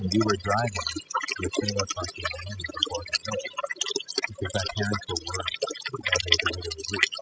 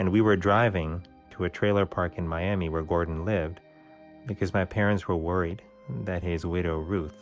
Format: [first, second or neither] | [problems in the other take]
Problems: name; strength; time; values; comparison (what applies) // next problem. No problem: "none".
second | noise reduction (classical method spectral subtraction)